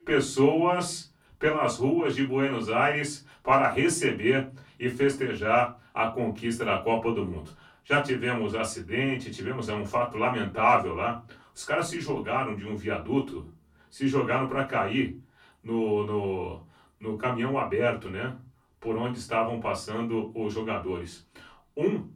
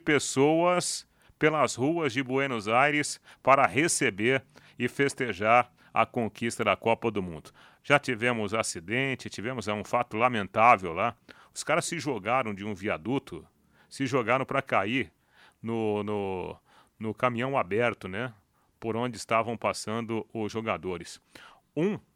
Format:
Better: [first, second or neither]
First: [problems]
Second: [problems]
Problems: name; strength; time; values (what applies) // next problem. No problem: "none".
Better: second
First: off-mic speech; far // room echo; very slight; dies away in 0.3 s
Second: none